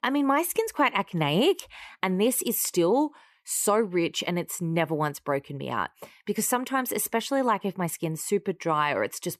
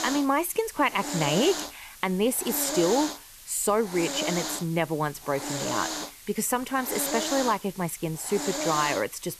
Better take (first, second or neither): first